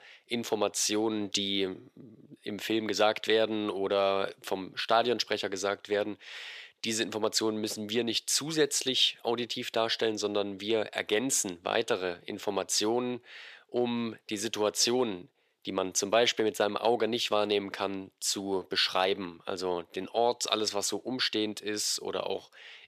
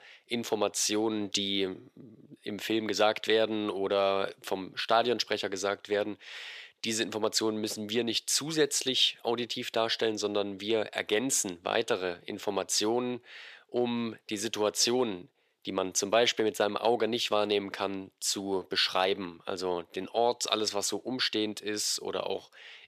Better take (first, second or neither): neither